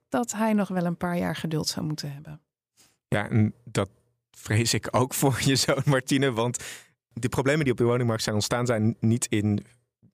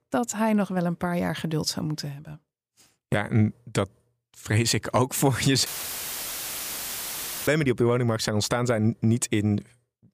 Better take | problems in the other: first | audio cutting out; filled with static; at 5.5 s for 2 s

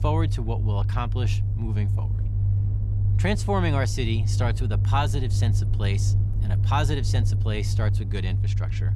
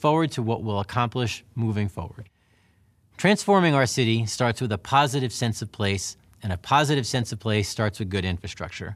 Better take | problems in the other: second | low rumble; loud; throughout; 8 dB below the speech

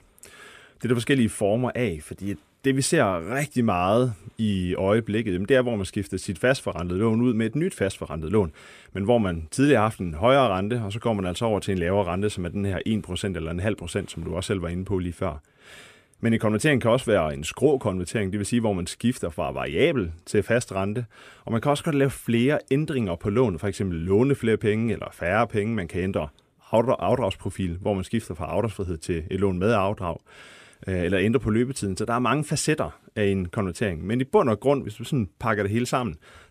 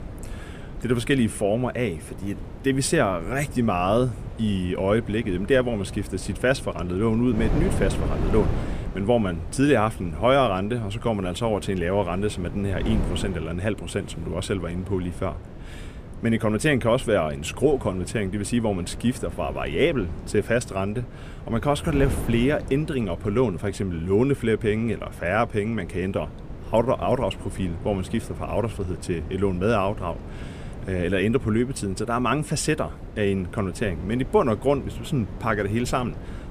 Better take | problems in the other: first | wind noise on the microphone; occasional gusts; 15 dB below the speech

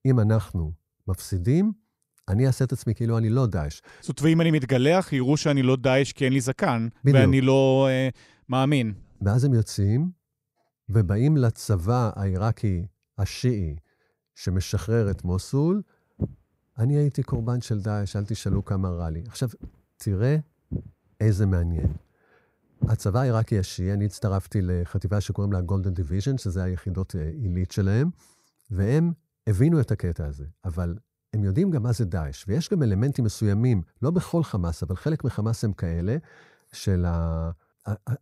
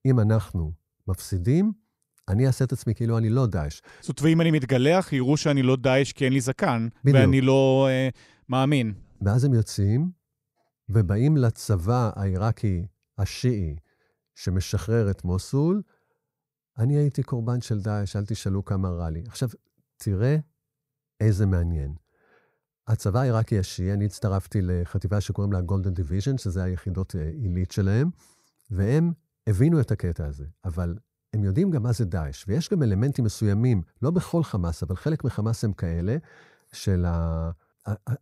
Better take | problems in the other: second | footsteps; noticeable; from 15 to 23 s; peak 5 dB below the speech

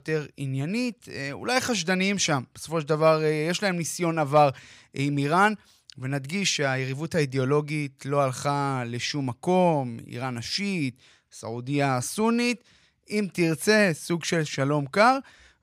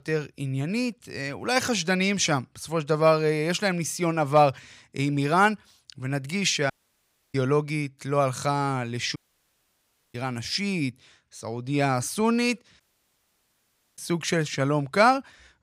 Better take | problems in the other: first | audio cutting out; at 6.5 s for 0.5 s, at 9 s for 1 s and at 13 s for 1 s

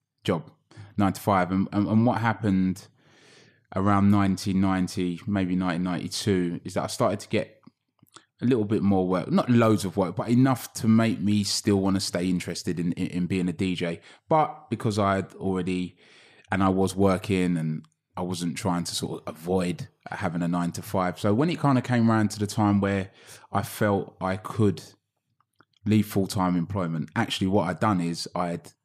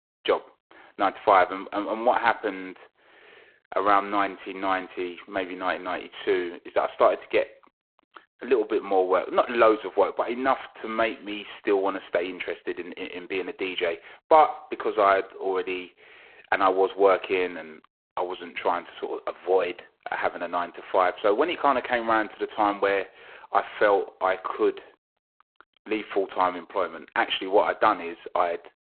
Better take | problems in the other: first | phone-call audio; poor line

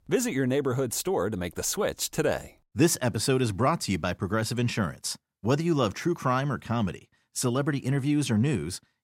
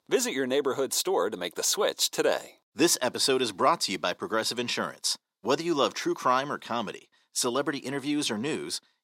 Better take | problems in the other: first | thin; somewhat; fading below 400 Hz

